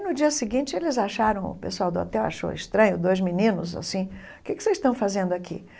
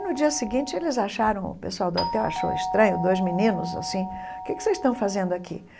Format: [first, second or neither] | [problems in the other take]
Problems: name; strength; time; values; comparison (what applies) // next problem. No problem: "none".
first | background sound (Doorbell); 8 dB below the speech